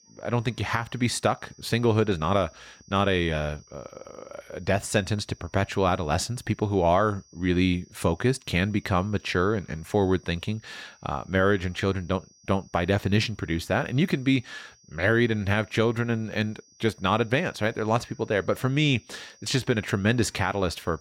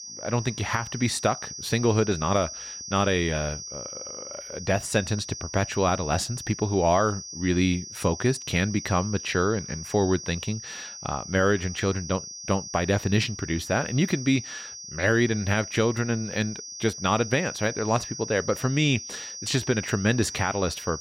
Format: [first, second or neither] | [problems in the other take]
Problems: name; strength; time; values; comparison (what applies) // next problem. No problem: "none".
first | high-pitched whine; loud; throughout; 6 kHz, 10 dB below the speech; faint in the first